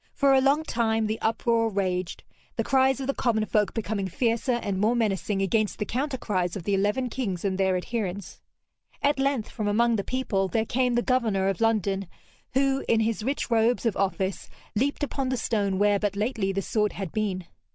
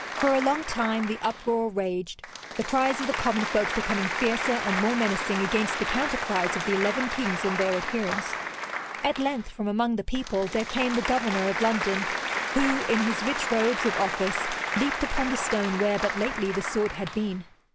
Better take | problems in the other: first | background sound (Applause); 4 dB below the speech

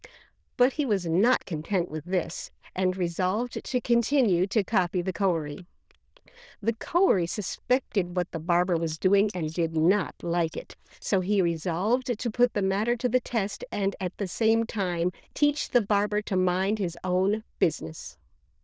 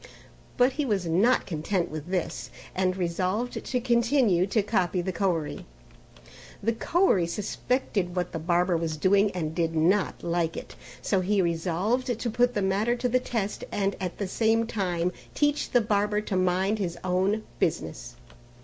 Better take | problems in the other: second | noise reduction (neural diffusion model UNIVERSE++)

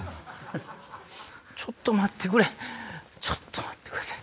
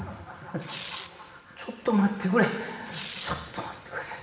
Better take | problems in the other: first | background sound (Tearing); 15 dB below the speech // room echo; dies away in 2 s

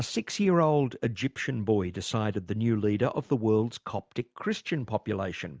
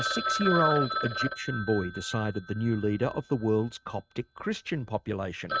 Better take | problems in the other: first | noise reduction (neural mask model RNNoise)

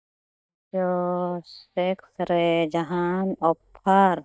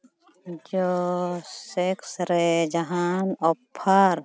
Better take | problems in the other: second | noise reduction (neural mask model DeepFilterNet 3)

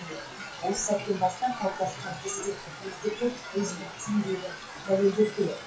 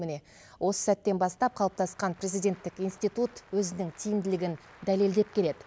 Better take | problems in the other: second | noise reduction (classical method WPE with log-MMSE)

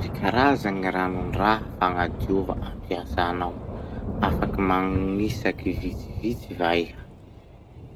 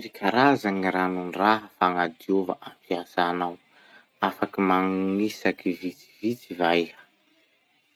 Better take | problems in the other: second | background sound (Thunder / Rain); 5 dB below the speech

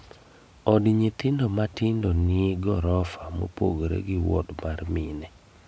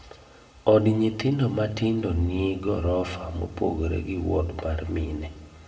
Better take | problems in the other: first | room echo; dies away in 1.1 s

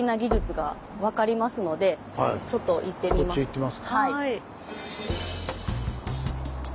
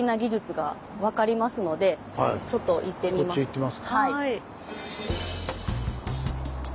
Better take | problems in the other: second | background sound (Knock); 8 dB below the speech

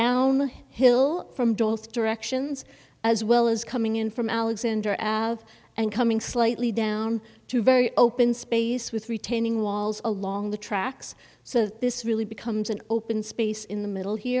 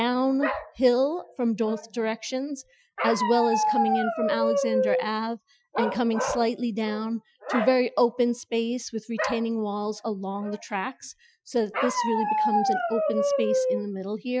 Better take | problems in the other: first | noise reduction (classical method Wiener filter)

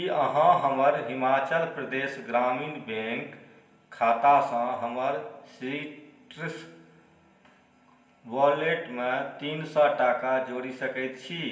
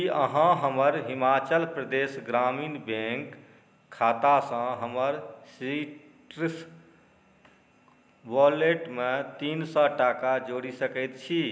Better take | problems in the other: second | room echo; dies away in 0.8 s

